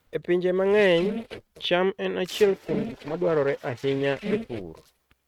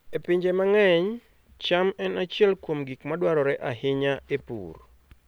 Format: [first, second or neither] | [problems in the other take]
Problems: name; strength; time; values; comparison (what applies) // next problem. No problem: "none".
second | noise reduction (neural mask model RNNoise)